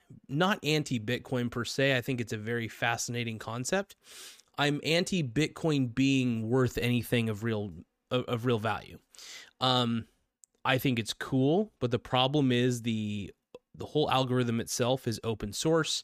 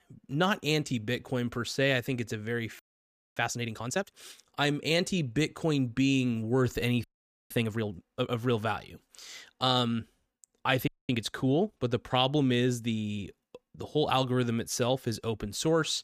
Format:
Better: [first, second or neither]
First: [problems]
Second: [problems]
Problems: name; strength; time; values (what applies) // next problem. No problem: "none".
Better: first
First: none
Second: audio freezing; at 3 s for 0.5 s, at 7 s and at 11 s